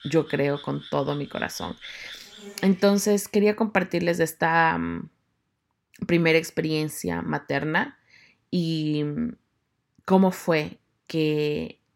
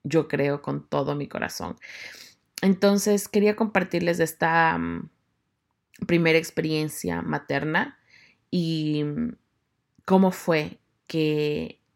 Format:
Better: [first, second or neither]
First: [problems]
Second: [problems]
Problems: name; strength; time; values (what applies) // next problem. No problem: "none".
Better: second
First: animal sounds; noticeable; until 2.5 s; 20 dB below the speech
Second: none